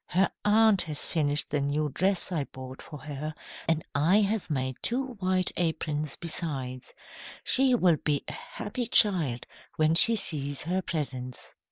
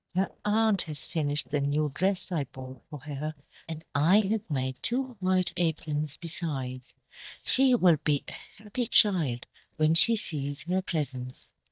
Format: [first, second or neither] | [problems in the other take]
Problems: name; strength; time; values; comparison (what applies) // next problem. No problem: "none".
first | noise reduction (neural mask model DeepFilterNet 3)